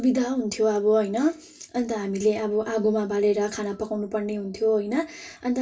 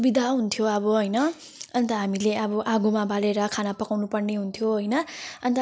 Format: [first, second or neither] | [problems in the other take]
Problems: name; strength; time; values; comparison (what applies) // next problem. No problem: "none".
second | room echo; dies away in 0.2 s